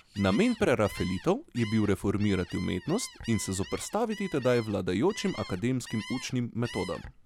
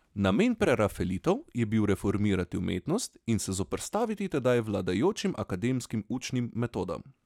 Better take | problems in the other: second | background sound (Gull, seagull); 17 dB below the speech

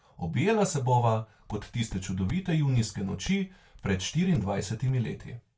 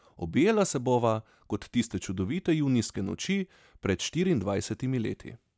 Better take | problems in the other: second | background sound (Walk, footsteps); 19 dB below the speech // room echo; dies away in 0.2 s

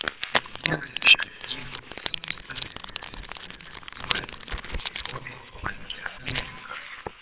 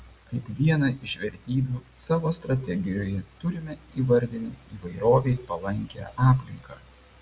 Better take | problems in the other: second | noise reduction (neural separator model SepFormer WHAMR!)

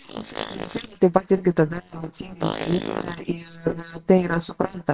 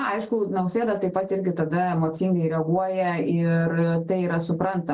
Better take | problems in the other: second | noise reduction (neural separator model SepFormer WHAM!)

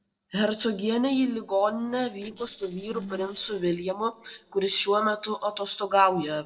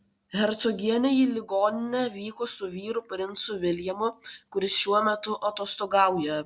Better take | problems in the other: second | noise reduction (neural separator model SepFormer DNS4)

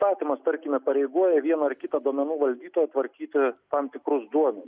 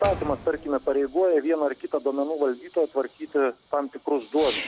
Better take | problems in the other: first | background sound (Fireworks + Door); 15 dB below the speech

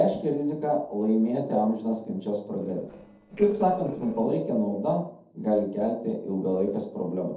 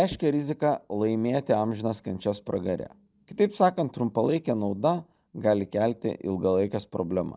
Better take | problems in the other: second | noise reduction (neural separator model SepFormer DNS4)

